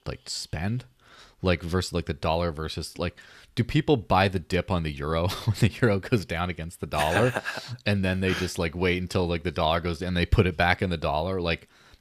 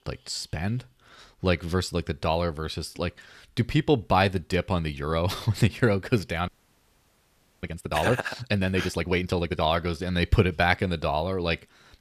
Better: first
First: none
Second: audio freezing; at 6.5 s for 1 s

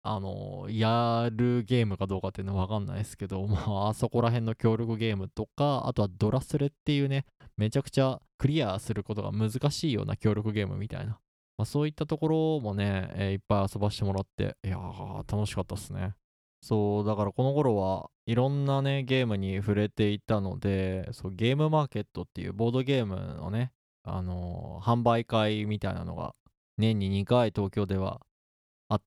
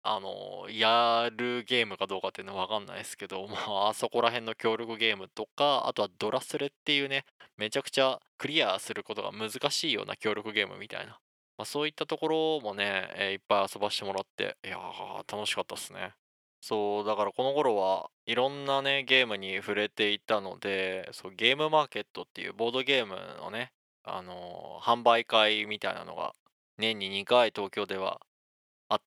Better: first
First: none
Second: thin; very; fading below 500 Hz

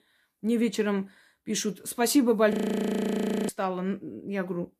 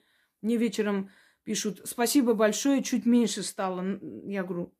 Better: second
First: audio freezing; at 2.5 s for 1 s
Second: none

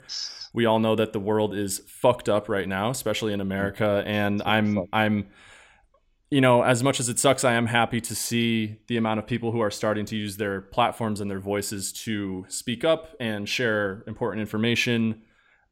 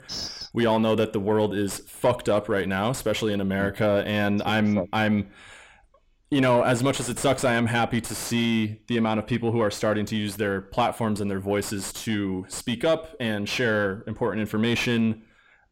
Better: first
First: none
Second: distortion; slight; 9 dB below the speech

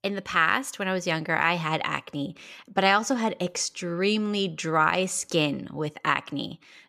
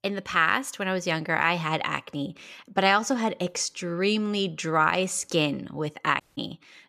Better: first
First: none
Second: audio cutting out; at 6 s

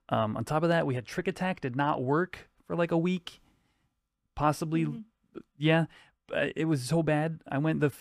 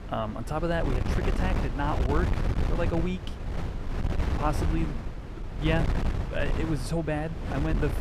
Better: first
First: none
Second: wind noise on the microphone; heavy; 5 dB below the speech

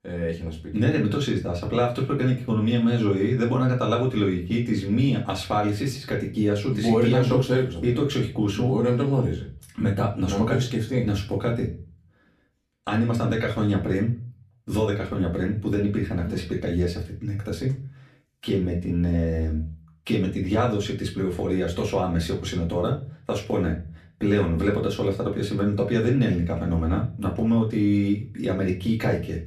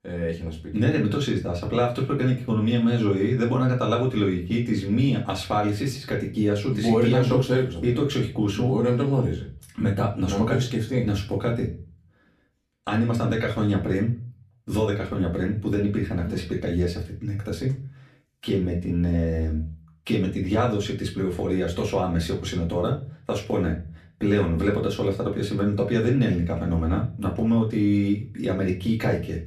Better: neither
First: off-mic speech; far // room echo; very slight; dies away in 0.4 s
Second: off-mic speech; far // room echo; very slight; dies away in 0.4 s

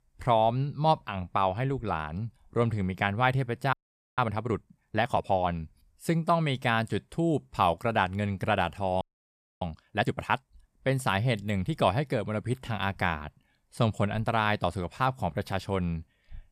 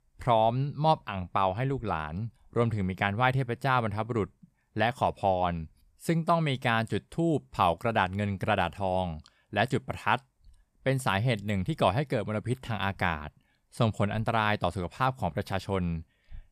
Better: second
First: audio freezing; at 3.5 s and at 9 s for 0.5 s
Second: none

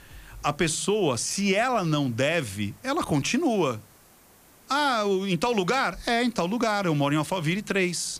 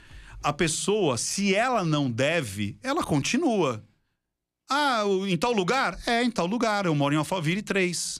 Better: second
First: hiss; faint; throughout; 30 dB below the speech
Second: none

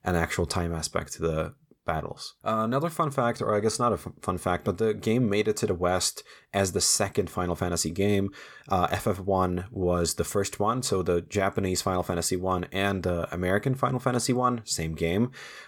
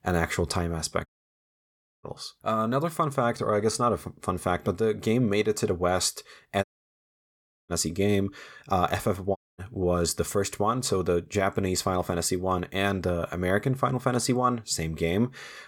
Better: first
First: none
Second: audio cutting out; at 1 s for 1 s, at 6.5 s for 1 s and at 9.5 s

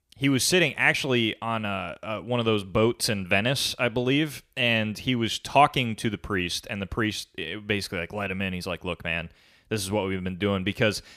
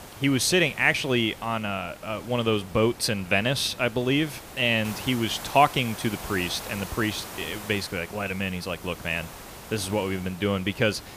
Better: first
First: none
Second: hiss; noticeable; throughout; 15 dB below the speech

